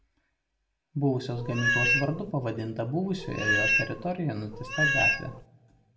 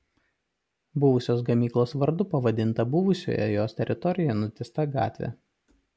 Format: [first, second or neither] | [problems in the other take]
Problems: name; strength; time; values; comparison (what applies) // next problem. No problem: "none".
second | background sound (Meow); 4 dB above the speech // room echo; dies away in 0.4 s